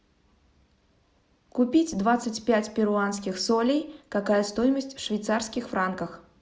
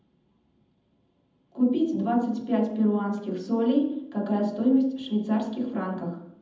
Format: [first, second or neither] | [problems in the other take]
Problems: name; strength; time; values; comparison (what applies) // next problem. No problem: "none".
first | room echo; dies away in 0.8 s